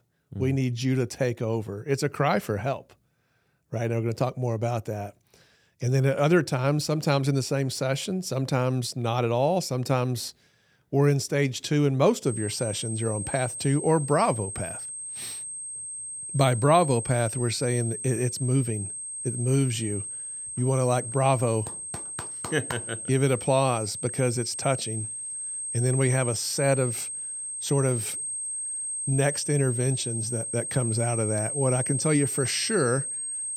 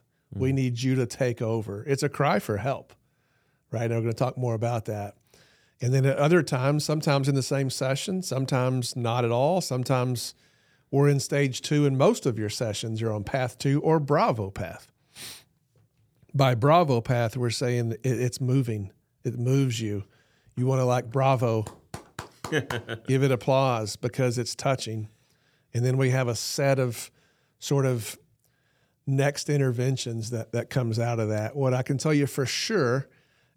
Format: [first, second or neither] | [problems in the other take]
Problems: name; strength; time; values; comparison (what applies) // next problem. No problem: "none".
second | high-pitched whine; loud; from 12 s on; 8.5 kHz, 5 dB below the speech